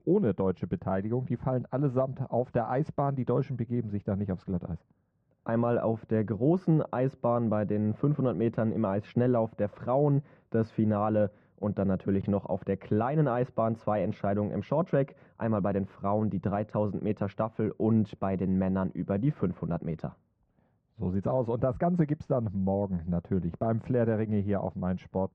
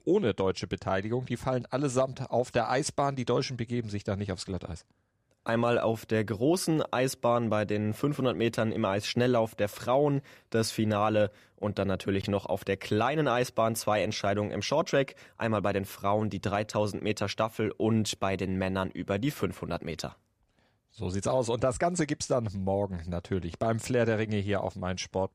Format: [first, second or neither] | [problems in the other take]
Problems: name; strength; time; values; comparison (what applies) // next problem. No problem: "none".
second | muffled; very; fading above 1 kHz